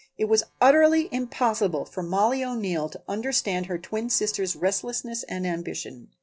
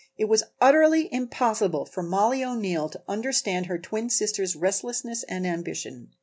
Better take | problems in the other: second | noise reduction (neural separator model SepFormer DNS4)

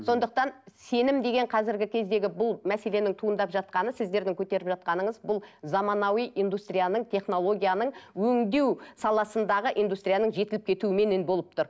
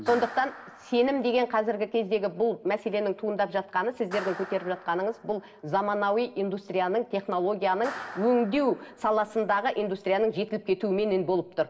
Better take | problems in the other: first | background sound (Clapping); 18 dB below the speech // room echo; dies away in 1 s

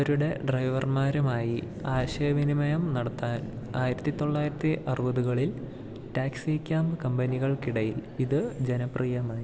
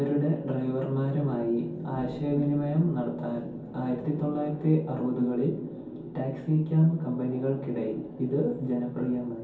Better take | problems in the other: first | room echo; dies away in 0.6 s

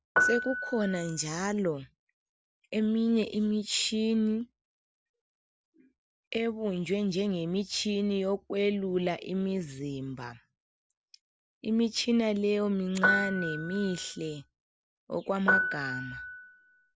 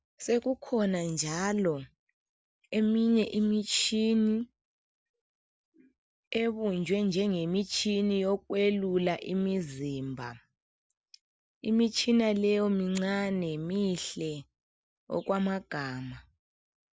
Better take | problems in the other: second | background sound (Piano); as loud as the speech

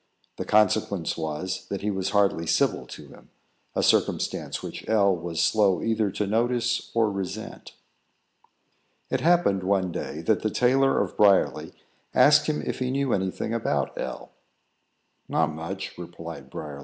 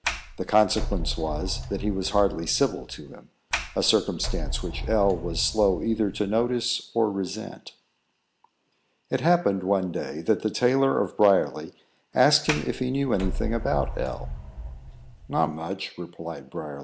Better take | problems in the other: first | background sound (Sliding door); 6 dB below the speech

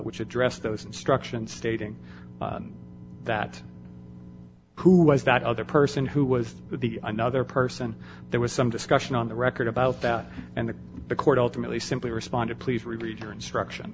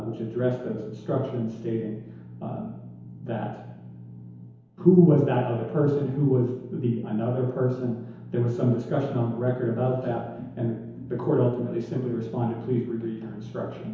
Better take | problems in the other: first | room echo; dies away in 1 s

